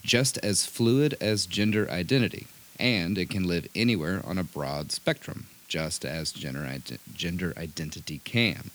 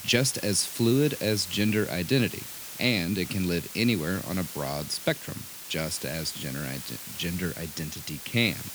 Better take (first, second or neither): first